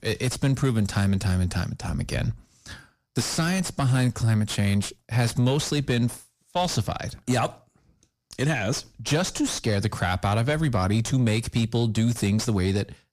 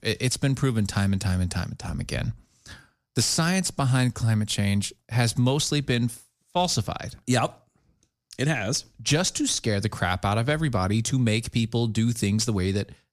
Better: second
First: distortion; slight; 10 dB below the speech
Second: none

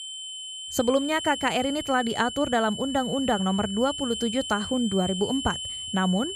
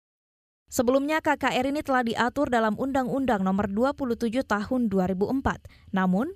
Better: second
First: high-pitched whine; loud; throughout; 3 kHz, 7 dB below the speech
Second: none

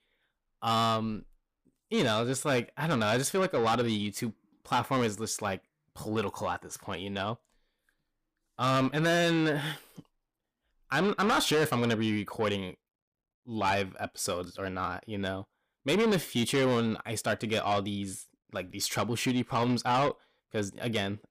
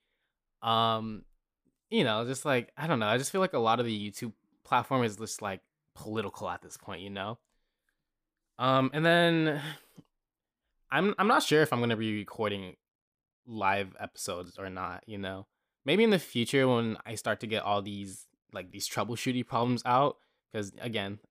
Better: second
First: distortion; heavy; 8 dB below the speech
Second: none

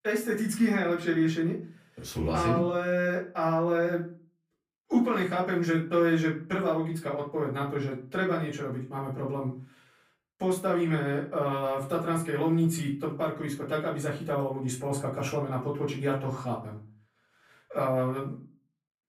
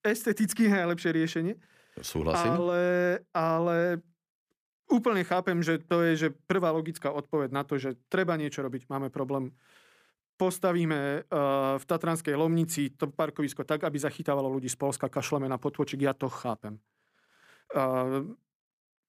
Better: second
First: off-mic speech; far // room echo; slight; dies away in 0.3 s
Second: none

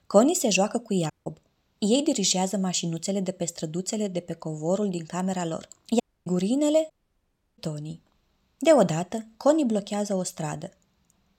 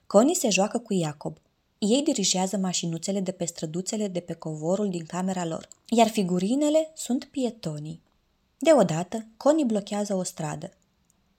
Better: second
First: audio cutting out; at 1 s, at 6 s and at 7 s for 0.5 s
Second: none

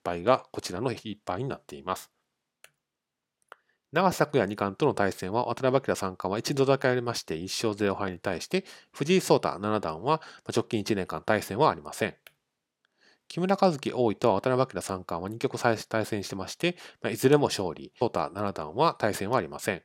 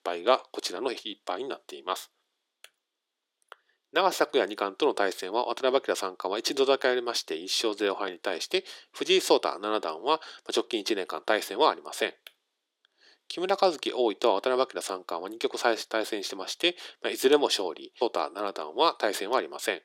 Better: first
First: none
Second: thin; somewhat; fading below 350 Hz

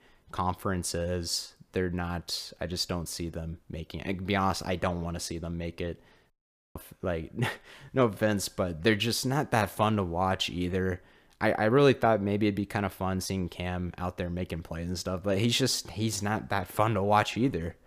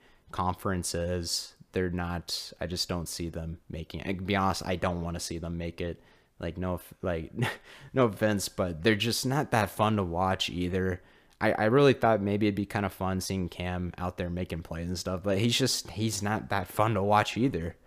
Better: second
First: audio cutting out; at 6.5 s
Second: none

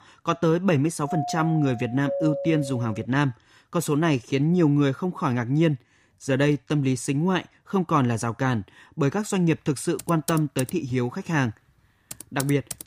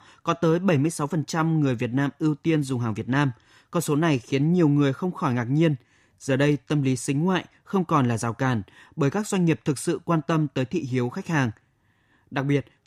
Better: second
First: doorbell; noticeable; from 1 to 3 s; peak 4 dB below the speech // keyboard typing; noticeable; from 10 s on; peak 9 dB below the speech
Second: none

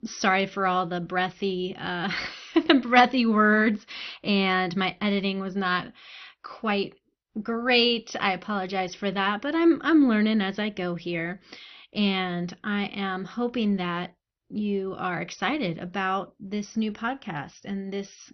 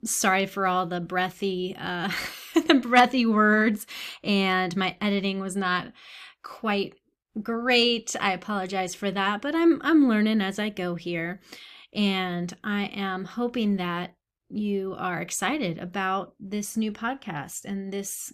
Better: second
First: garbled, watery; slightly; nothing above 6 kHz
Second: none

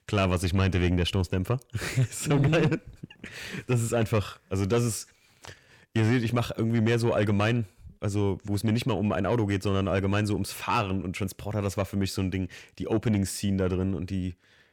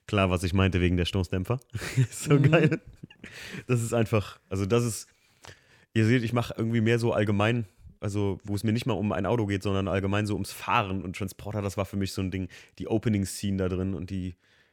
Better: second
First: distortion; slight; 10 dB below the speech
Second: none

